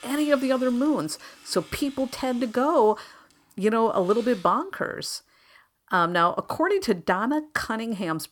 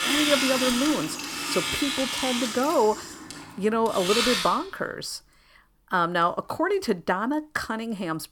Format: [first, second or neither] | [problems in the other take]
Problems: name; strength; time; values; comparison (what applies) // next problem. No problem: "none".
first | household noises; loud; throughout; 1 dB below the speech; faint in the first